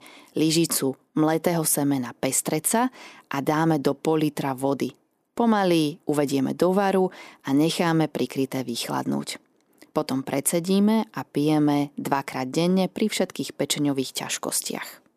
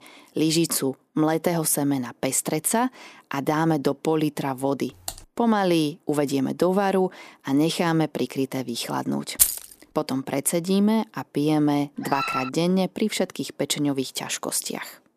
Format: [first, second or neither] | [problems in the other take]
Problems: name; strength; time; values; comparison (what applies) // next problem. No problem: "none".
first | keyboard typing; faint; at 5 s; peak 10 dB below the speech // jangling keys; loud; at 9.5 s; peak 5 dB above the speech // dog barking; noticeable; at 12 s; peak 3 dB below the speech